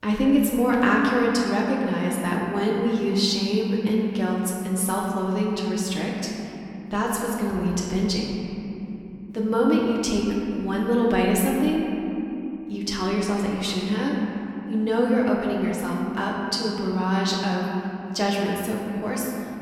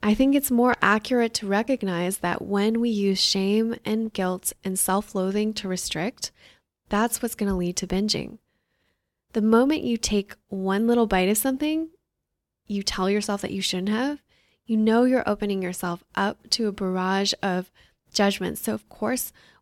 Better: second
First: room echo; noticeable; dies away in 3 s // off-mic speech; somewhat distant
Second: none

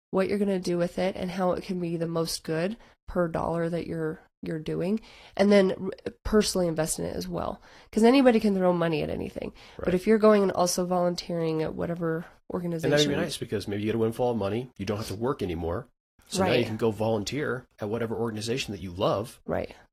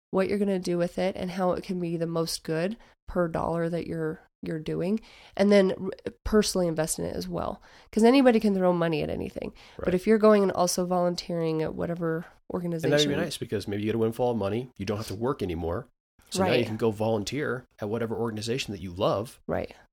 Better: second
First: garbled, watery; slightly; nothing above 14.5 kHz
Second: none

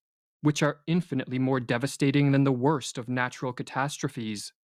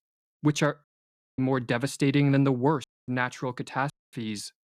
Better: first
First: none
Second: audio cutting out; at 1 s for 0.5 s, at 3 s and at 4 s

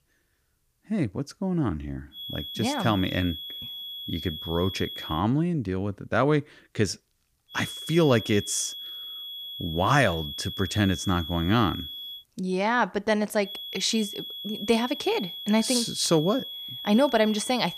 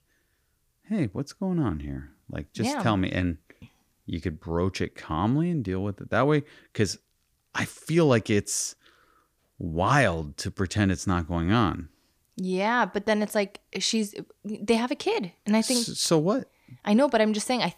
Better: second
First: high-pitched whine; loud; from 2 to 5 s, from 7.5 to 12 s and from 13 s on; 3.5 kHz, 9 dB below the speech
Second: none

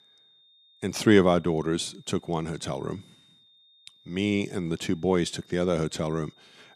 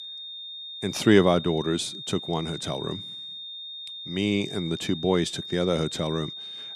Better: first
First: high-pitched whine; faint; throughout; 3.5 kHz, 30 dB below the speech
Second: high-pitched whine; loud; throughout; 3.5 kHz, 10 dB below the speech

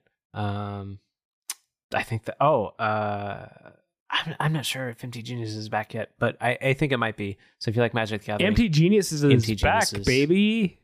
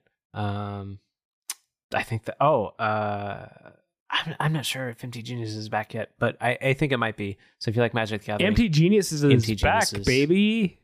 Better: neither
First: none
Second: none

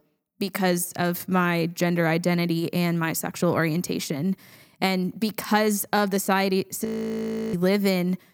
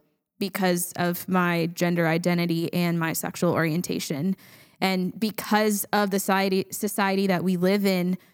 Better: second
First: audio freezing; at 7 s for 0.5 s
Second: none

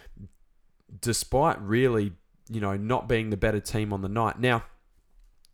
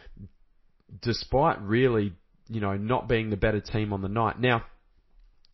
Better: first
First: none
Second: garbled, watery; slightly; nothing above 5.5 kHz

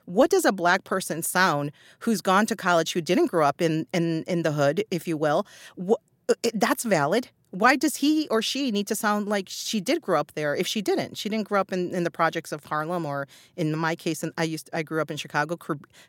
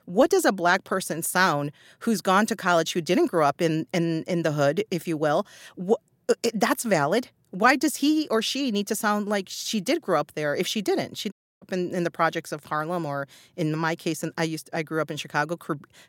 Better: first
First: none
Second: audio cutting out; at 11 s

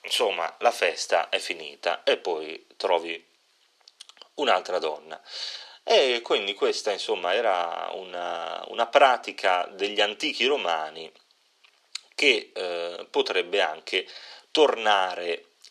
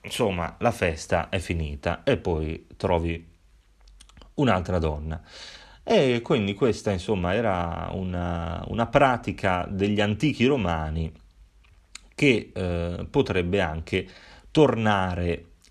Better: second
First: thin; very; fading below 400 Hz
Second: none

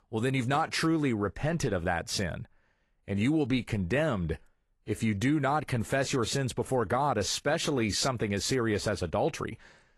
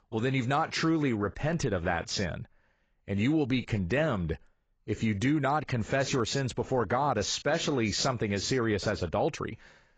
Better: first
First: garbled, watery; slightly; nothing above 11.5 kHz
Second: garbled, watery; badly; nothing above 7.5 kHz

